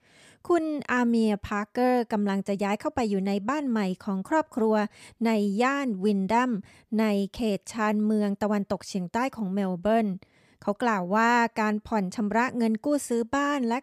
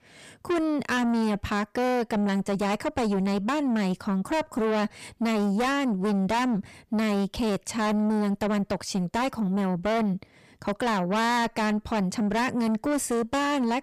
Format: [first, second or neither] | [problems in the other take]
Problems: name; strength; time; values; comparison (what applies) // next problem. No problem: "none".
first | distortion; heavy; 7 dB below the speech